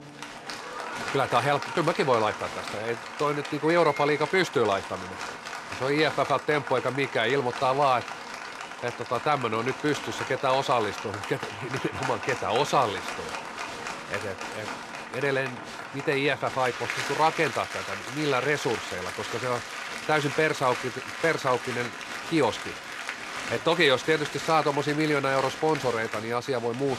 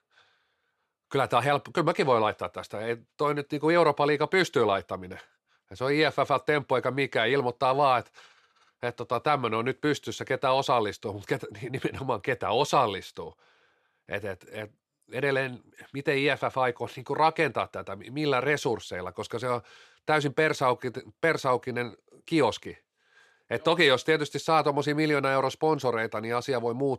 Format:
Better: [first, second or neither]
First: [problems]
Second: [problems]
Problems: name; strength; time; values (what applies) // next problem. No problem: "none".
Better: second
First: crowd noise; loud; throughout; 8 dB below the speech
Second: none